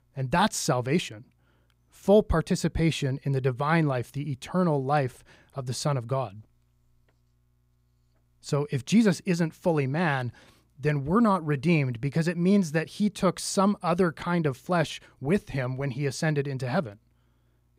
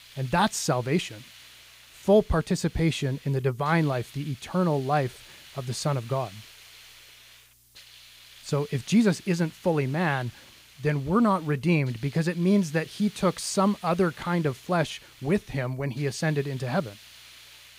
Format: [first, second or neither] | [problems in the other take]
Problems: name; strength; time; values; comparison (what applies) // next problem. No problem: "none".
first | hiss; faint; throughout; 20 dB below the speech